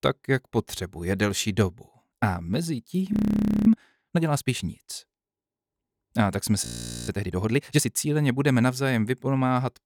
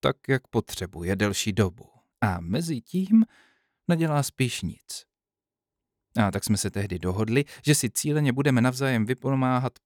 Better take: second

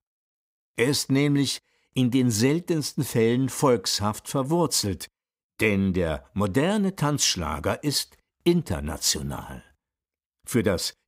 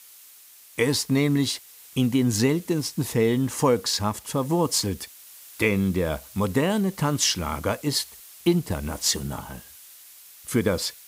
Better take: first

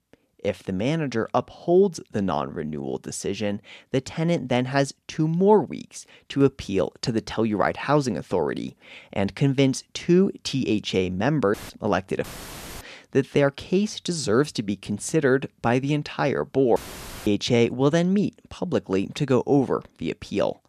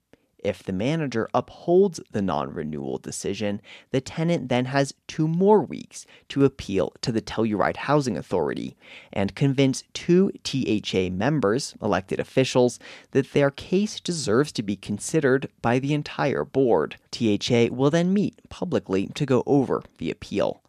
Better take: second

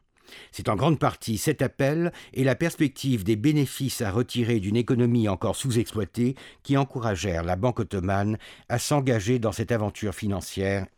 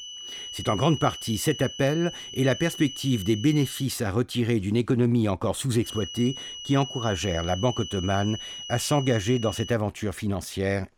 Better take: first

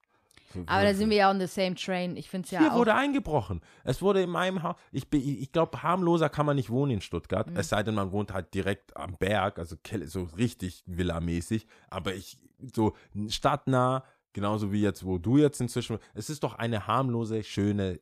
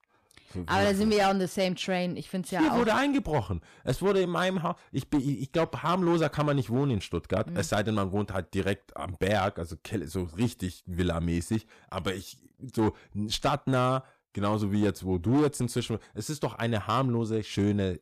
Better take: first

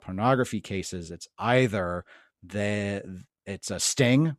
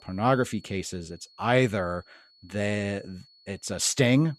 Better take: first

